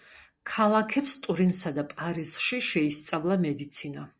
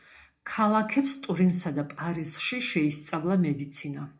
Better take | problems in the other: first | room echo; dies away in 0.3 s

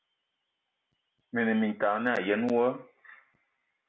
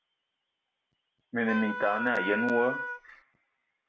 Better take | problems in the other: first | background sound (Wind instrument, woodwind instrument); 2 dB below the speech

